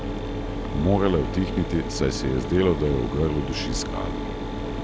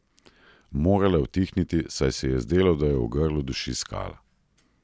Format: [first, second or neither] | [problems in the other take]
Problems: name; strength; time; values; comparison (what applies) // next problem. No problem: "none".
second | background sound (Mechanisms); 4 dB below the speech